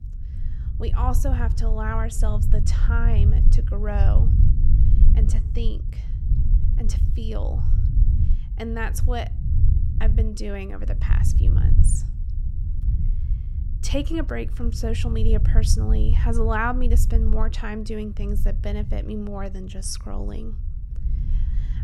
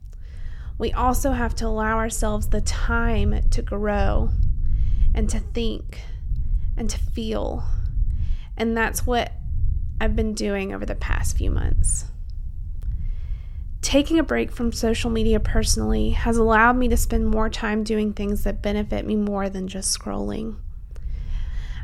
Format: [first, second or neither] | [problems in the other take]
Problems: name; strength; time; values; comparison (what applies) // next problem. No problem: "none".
second | low rumble; loud; throughout; 9 dB below the speech; faint in the second